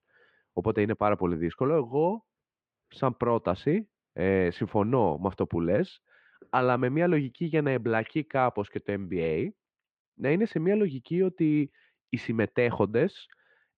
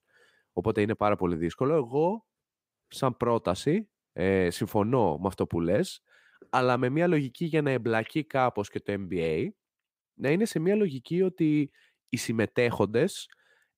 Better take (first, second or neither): second